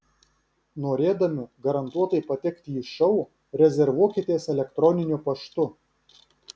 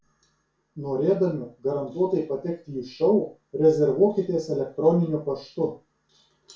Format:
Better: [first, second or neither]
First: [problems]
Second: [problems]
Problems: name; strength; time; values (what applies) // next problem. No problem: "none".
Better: first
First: none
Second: room echo; dies away in 0.2 s